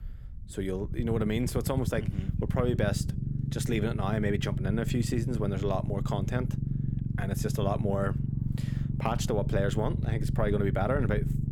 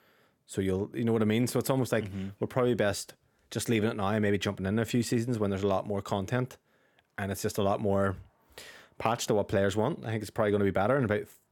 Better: second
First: low rumble; loud; throughout; 9 dB below the speech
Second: none

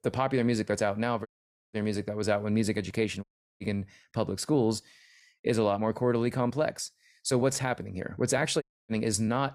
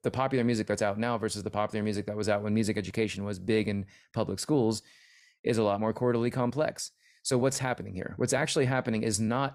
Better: second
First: audio cutting out; at 1.5 s, at 3 s and at 8.5 s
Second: none

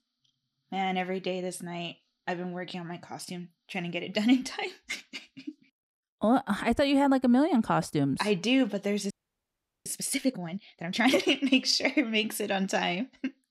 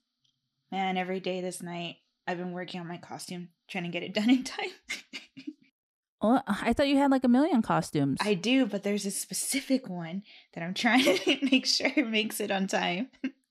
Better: second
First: audio freezing; at 9 s for 1 s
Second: none

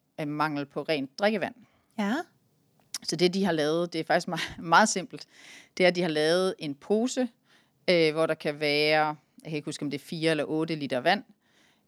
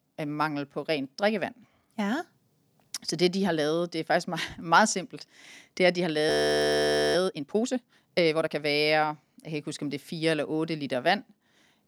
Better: first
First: none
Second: audio freezing; at 6.5 s for 1 s

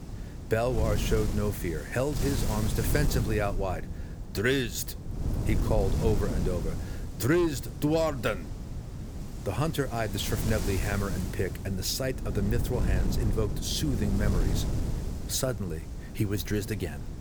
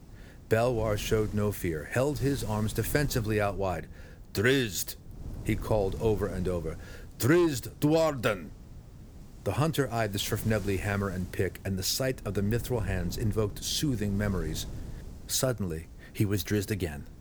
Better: second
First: wind noise on the microphone; heavy; 10 dB below the speech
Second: wind noise on the microphone; occasional gusts; 20 dB below the speech

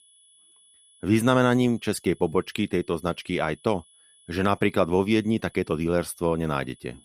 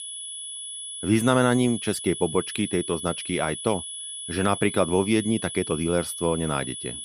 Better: first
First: high-pitched whine; faint; throughout; 10 kHz, 30 dB below the speech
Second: high-pitched whine; loud; throughout; 10 kHz, 8 dB below the speech

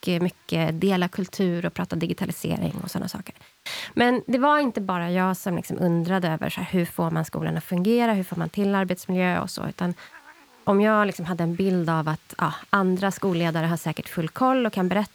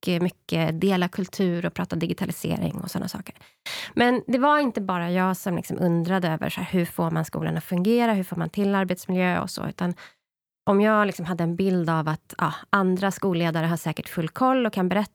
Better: second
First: hiss; faint; throughout; 30 dB below the speech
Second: none

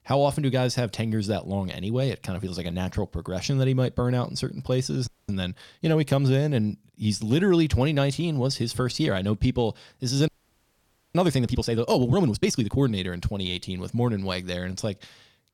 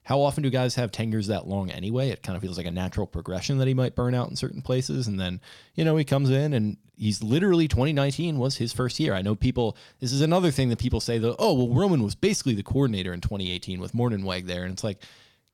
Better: second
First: audio freezing; at 5 s and at 10 s for 1 s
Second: none

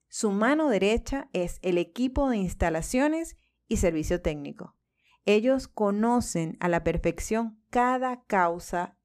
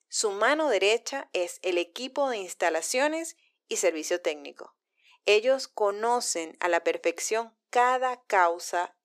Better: first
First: none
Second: thin; very; fading below 350 Hz

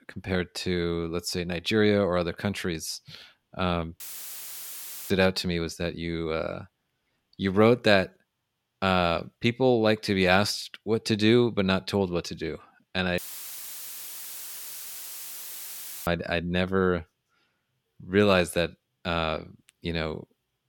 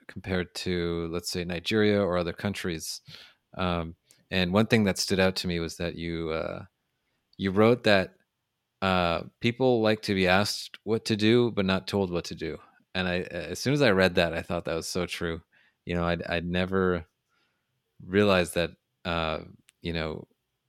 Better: second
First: audio cutting out; filled with static; at 4 s for 1 s and at 13 s for 3 s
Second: none

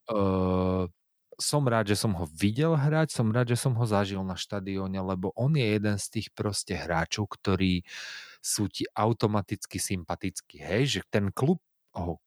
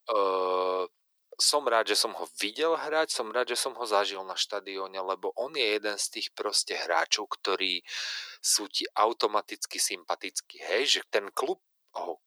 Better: first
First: none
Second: thin; very; fading below 400 Hz

